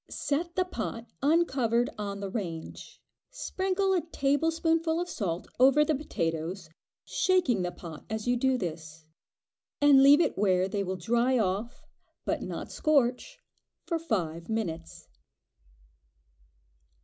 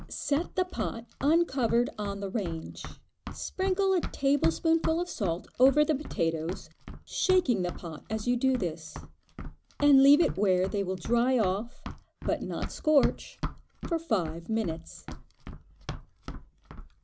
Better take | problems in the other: first | background sound (Run); 10 dB below the speech

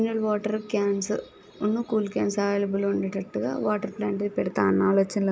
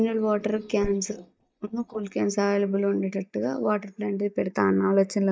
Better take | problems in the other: first | noise reduction (neural mask model DeepFilterNet 3)

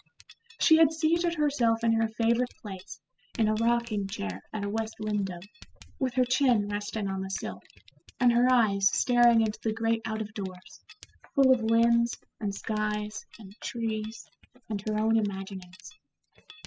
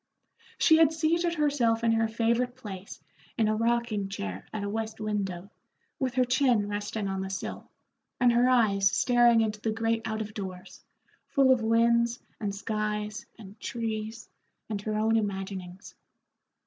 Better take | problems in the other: second | noise reduction (classical method spectral subtraction)

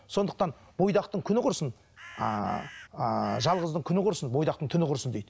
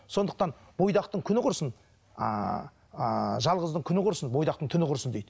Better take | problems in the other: second | background sound (Bird); 17 dB below the speech

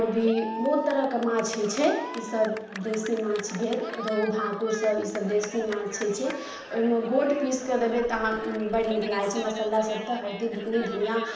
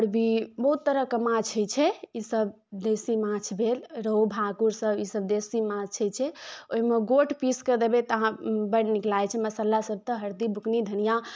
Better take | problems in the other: second | background sound (Cheering); 13 dB below the speech // room echo; dies away in 0.9 s

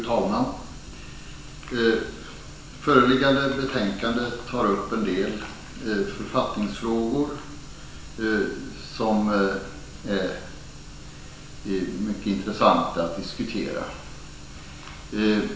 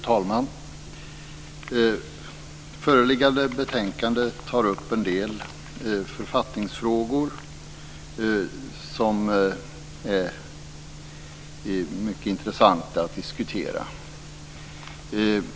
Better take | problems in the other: second | room echo; dies away in 0.7 s

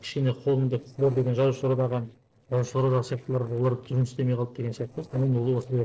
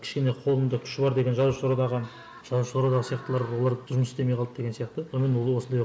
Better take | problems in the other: second | noise reduction (neural separator model SepFormer DNS4)

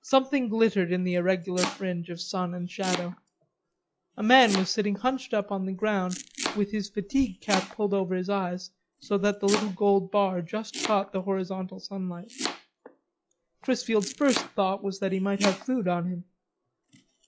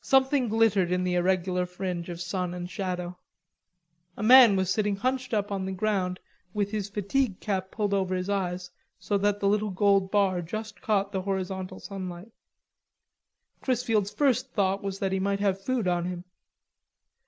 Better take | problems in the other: second | noise reduction (classical method log-MMSE)

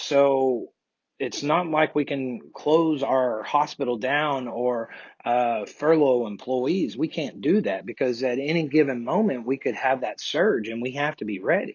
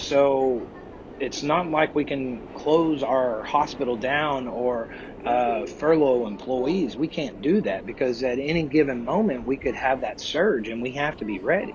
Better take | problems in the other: first | background sound (Subway, metro, underground); 15 dB below the speech

